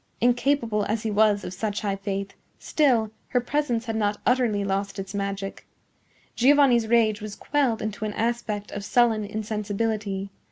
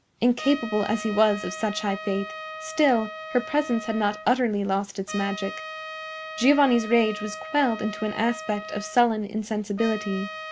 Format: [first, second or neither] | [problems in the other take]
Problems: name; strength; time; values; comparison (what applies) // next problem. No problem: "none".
first | background sound (Trumpet); 12 dB below the speech